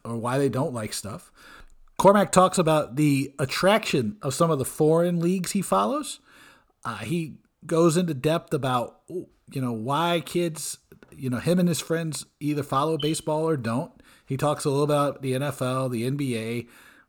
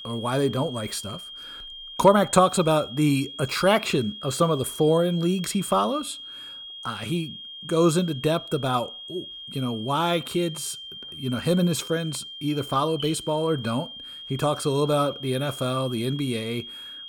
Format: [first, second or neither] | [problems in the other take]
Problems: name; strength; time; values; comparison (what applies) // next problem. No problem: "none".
first | high-pitched whine; noticeable; throughout; 3 kHz, 10 dB below the speech